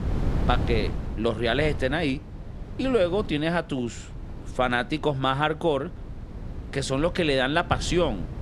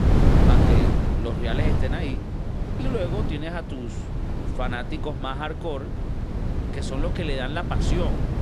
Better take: first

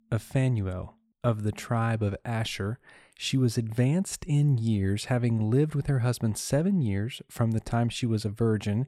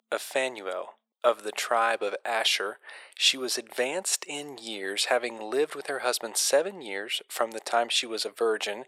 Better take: first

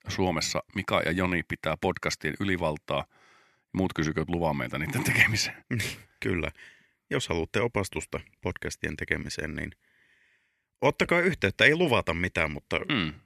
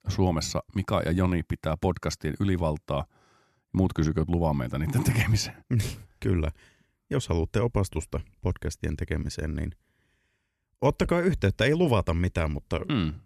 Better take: second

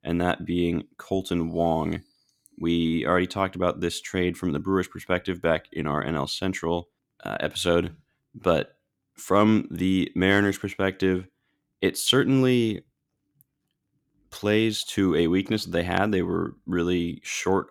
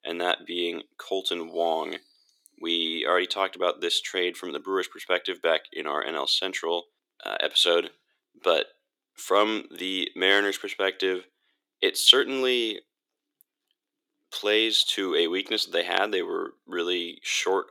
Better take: first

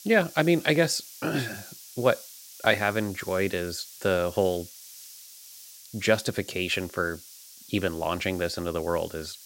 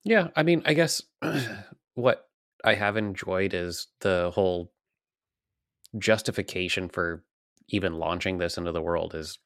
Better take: second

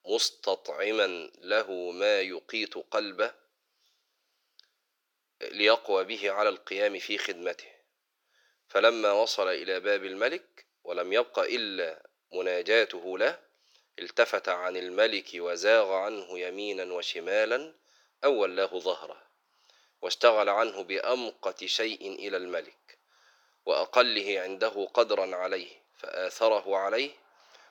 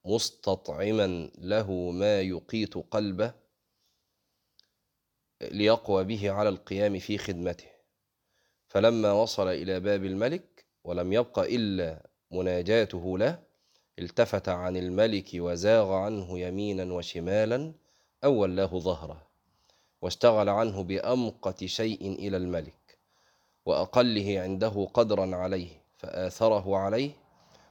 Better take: second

